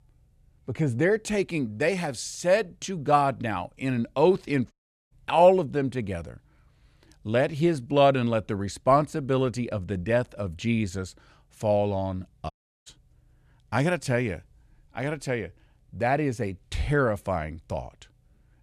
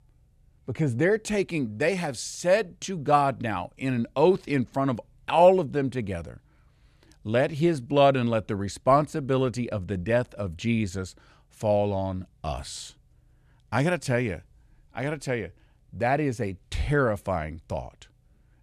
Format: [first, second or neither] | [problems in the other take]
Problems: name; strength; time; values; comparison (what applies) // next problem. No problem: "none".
second | audio cutting out; at 4.5 s and at 13 s